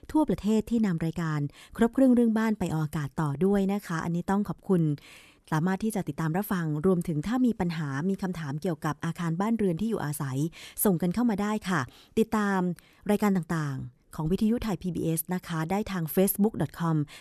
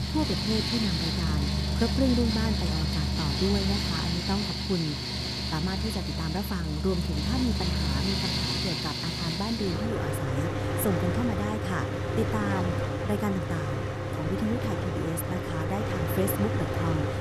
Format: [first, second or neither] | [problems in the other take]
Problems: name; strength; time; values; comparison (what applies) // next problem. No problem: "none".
first | machinery noise; very loud; throughout; 3 dB above the speech